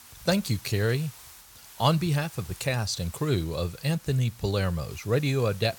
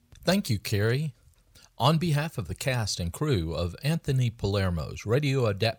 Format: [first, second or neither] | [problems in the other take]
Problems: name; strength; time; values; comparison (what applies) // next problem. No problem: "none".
second | hiss; noticeable; throughout; 20 dB below the speech